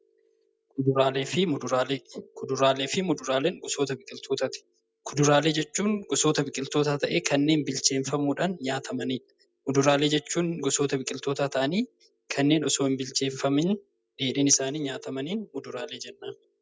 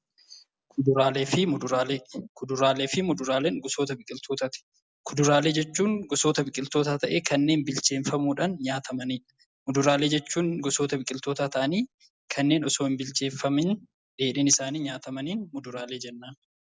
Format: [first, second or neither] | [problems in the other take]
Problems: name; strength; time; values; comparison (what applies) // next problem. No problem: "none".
second | noise reduction (neural mask model DeepFilterNet 3)